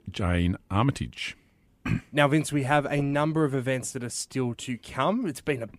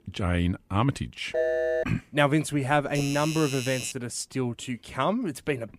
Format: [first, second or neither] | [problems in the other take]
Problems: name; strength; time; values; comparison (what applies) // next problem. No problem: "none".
first | phone ringing; loud; at 1.5 s; peak 2 dB above the speech // doorbell; noticeable; from 3 to 4 s; peak 6 dB below the speech